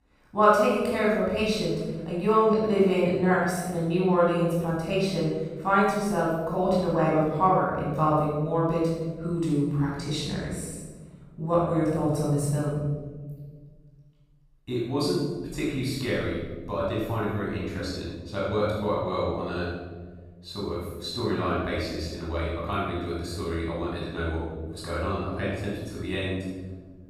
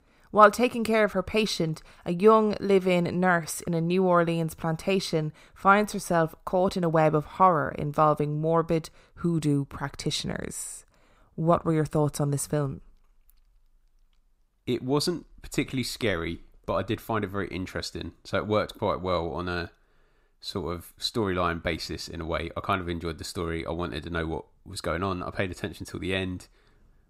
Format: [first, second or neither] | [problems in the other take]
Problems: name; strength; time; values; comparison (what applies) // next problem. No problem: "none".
second | off-mic speech; far // room echo; strong; dies away in 1.4 s